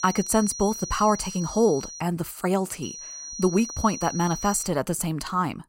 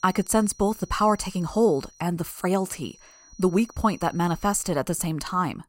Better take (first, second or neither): second